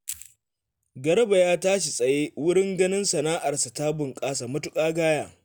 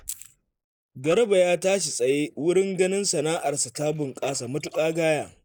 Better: first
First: none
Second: noise reduction (neural mask model Resemble Enhance denoiser)

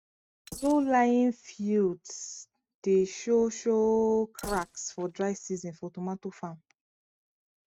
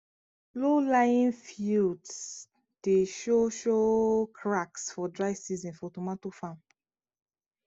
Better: second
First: noise reduction (neural mask model RNNoise)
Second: none

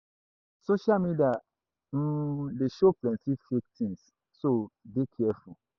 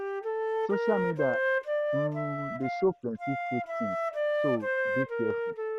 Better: first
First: none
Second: background sound (Wind instrument, woodwind instrument); 3 dB above the speech

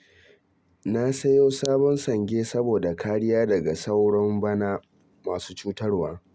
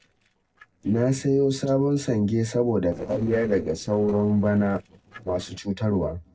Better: first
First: none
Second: noise reduction (neural separator model SepFormer DNS4)

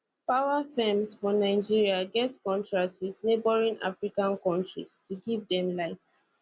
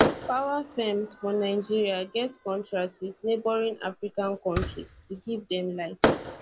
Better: first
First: none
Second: background sound (Fireworks); 3 dB below the speech

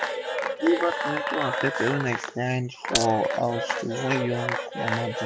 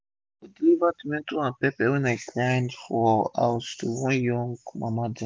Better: second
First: background sound (Glass + Applause / Cheering / Clapping); 1 dB below the speech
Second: none

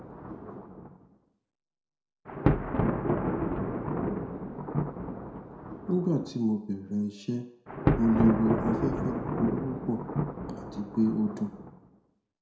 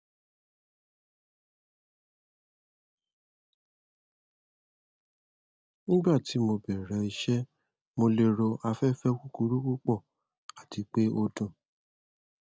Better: second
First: background sound (Thunder); as loud as the speech // room echo; dies away in 0.5 s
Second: none

